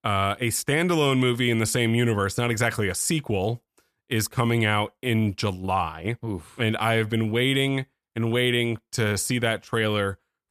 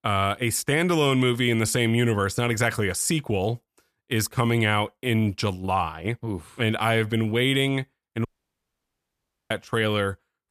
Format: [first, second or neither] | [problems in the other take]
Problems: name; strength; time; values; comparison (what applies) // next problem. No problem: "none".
first | audio cutting out; at 8.5 s for 1.5 s